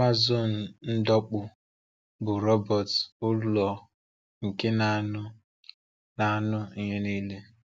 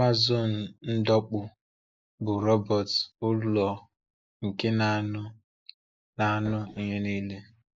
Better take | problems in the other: first | noise reduction (neural mask model Resemble Enhance denoiser)

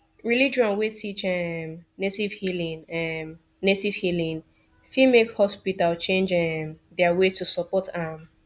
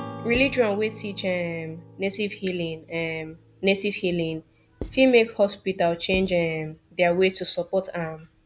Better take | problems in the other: first | background sound (Writing + Acoustic guitar / Strum); 17 dB below the speech

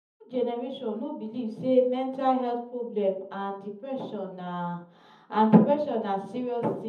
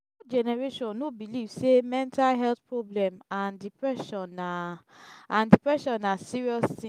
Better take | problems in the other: second | room echo; dies away in 0.6 s

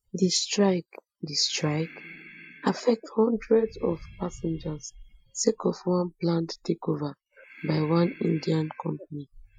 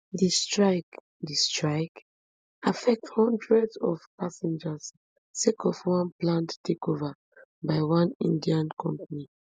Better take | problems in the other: second | noise reduction (classical method Wiener filter)

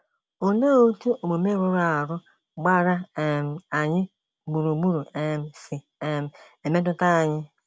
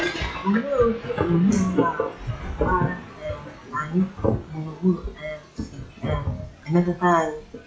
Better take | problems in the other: first | noise reduction (classical method WPE with log-MMSE)

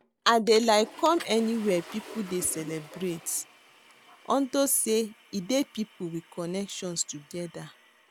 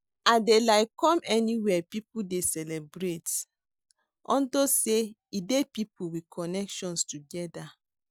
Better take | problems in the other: second | background sound (Toilet flush / Water); 20 dB below the speech

